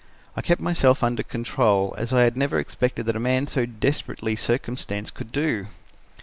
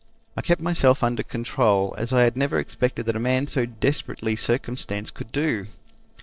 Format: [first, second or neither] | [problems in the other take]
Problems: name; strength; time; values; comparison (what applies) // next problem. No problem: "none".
first | noise reduction (neural separator model SepFormer DNS4)